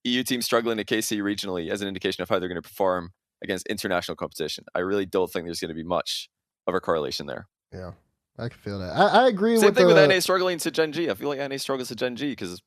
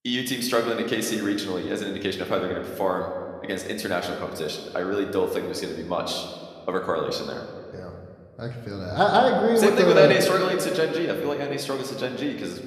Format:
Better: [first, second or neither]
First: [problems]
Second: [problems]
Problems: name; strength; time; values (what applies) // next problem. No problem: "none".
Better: first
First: none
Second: room echo; slight; dies away in 1.6 s